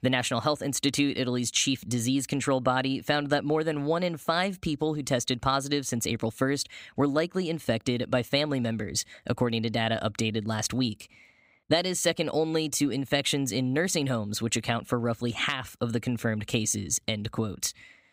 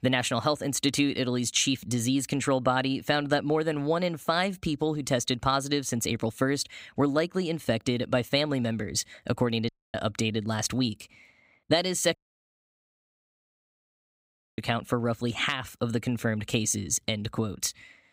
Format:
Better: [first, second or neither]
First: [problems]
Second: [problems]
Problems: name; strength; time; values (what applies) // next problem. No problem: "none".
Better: first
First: none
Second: audio cutting out; at 9.5 s and at 12 s for 2.5 s